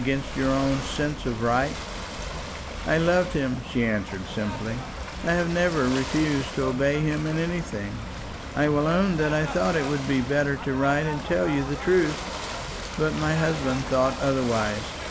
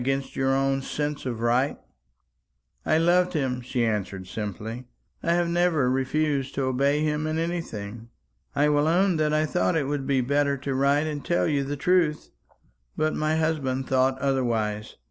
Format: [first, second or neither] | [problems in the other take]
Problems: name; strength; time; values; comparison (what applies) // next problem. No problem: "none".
second | background sound (Ocean / Boat, Water vehicle); 8 dB below the speech